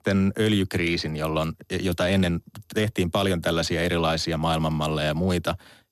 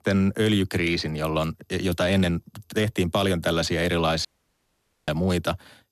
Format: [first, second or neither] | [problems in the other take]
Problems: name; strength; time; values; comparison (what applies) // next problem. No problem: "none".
first | audio cutting out; at 4.5 s for 1 s